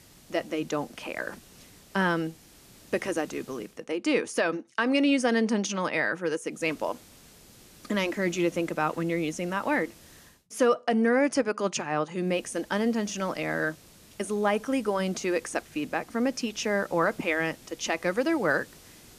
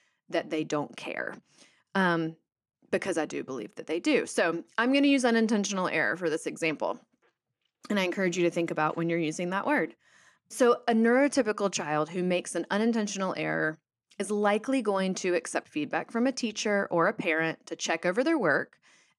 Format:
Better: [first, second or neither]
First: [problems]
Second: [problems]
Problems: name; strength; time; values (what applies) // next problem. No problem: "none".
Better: second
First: hiss; faint; until 3.5 s, from 6.5 to 10 s and from 12 s on; 25 dB below the speech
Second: none